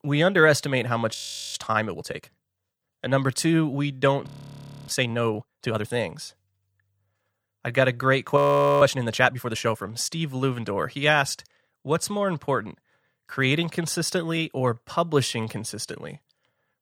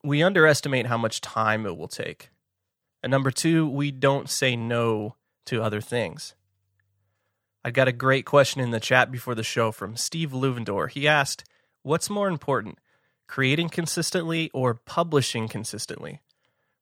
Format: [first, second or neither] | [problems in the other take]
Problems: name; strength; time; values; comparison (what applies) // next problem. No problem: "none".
second | audio freezing; at 1 s, at 4.5 s for 0.5 s and at 8.5 s